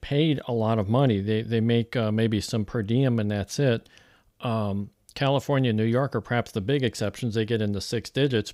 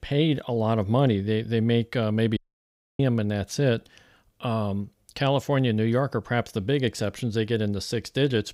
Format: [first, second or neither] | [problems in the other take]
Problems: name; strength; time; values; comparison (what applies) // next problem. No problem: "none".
first | audio cutting out; at 2.5 s for 0.5 s